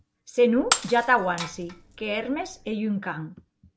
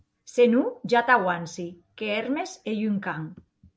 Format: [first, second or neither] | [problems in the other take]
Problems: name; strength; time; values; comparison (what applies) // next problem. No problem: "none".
second | background sound (Shatter); 7 dB below the speech